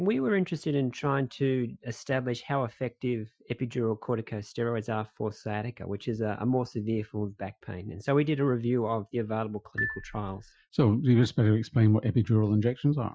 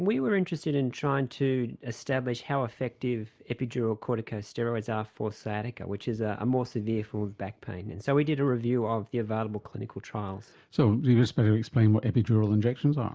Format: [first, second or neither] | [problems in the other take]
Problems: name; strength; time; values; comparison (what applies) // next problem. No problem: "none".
second | noise reduction (classical method Wiener filter)